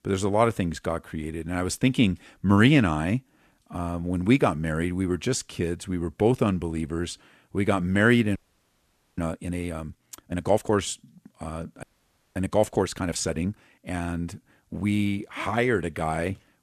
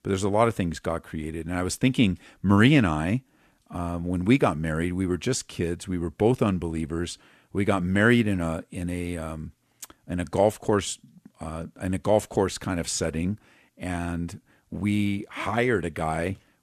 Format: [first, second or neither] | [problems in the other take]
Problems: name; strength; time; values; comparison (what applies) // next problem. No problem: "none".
second | audio freezing; at 8.5 s for 1 s and at 12 s for 0.5 s